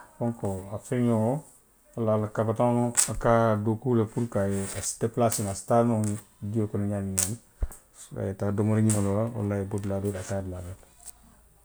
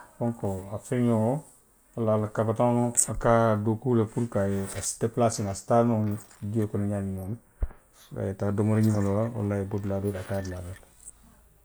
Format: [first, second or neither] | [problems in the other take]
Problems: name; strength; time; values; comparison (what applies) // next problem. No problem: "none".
first | noise reduction (neural mask model Resemble Enhance denoiser)